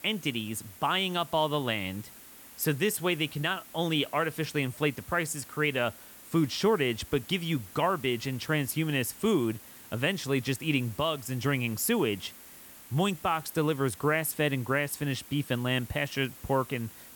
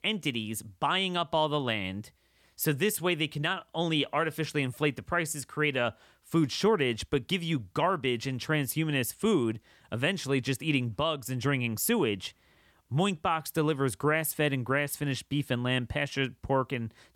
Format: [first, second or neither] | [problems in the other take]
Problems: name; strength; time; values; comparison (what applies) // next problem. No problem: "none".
second | hiss; noticeable; throughout; 15 dB below the speech